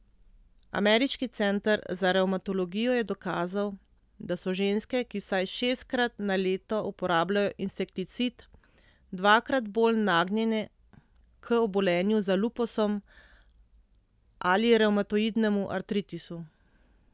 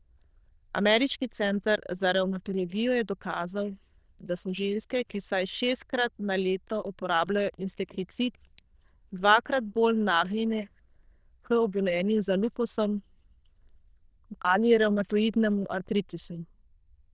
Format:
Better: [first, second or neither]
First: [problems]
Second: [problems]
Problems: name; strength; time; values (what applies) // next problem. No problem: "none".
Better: first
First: none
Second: noise reduction (neural diffusion model UNIVERSE++)